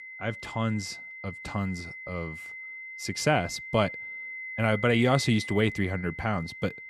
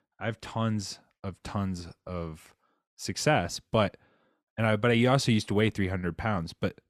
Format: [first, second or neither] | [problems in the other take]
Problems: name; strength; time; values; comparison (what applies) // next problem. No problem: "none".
second | high-pitched whine; loud; throughout; 2 kHz, 10 dB below the speech